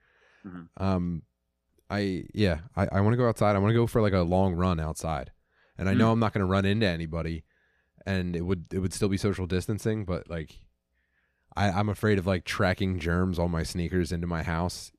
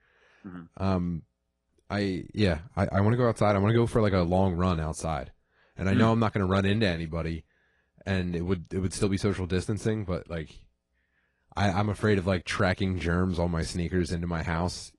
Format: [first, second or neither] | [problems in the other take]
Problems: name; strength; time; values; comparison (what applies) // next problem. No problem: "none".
first | garbled, watery; slightly; nothing above 10.5 kHz